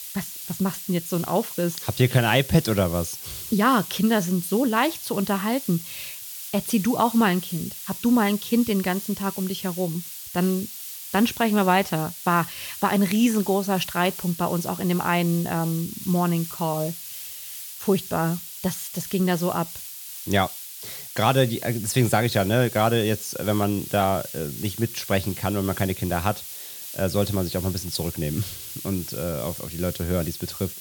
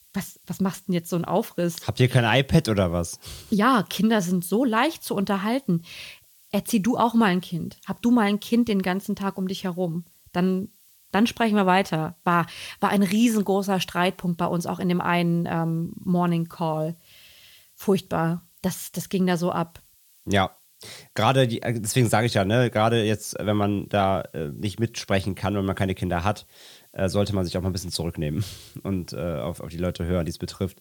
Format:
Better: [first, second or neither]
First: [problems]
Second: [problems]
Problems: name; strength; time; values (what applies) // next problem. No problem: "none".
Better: second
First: hiss; loud; throughout; 10 dB below the speech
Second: hiss; faint; throughout; 30 dB below the speech